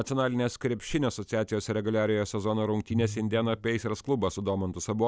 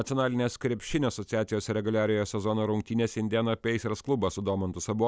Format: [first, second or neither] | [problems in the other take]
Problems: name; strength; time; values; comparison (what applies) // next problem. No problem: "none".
second | background sound (Piano); 12 dB below the speech